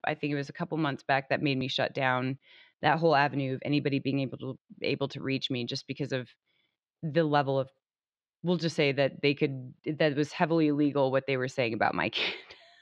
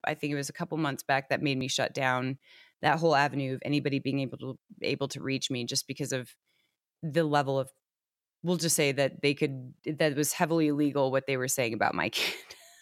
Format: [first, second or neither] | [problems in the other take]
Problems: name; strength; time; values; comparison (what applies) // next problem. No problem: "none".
second | muffled; very slightly; fading above 4 kHz